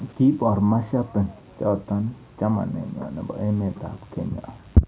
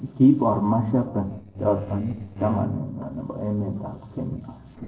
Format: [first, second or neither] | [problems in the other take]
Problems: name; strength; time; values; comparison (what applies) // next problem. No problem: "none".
first | noise reduction (neural separator model SepFormer DNS4)